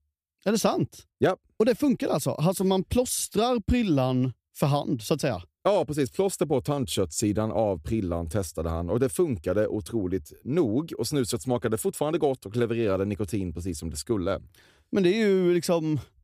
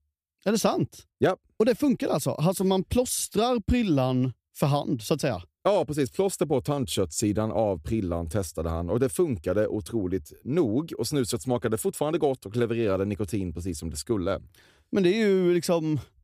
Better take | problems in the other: neither | none

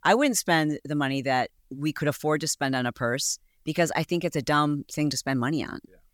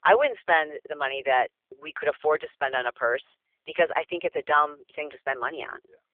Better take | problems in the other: first | phone-call audio; poor line; nothing above 3.5 kHz

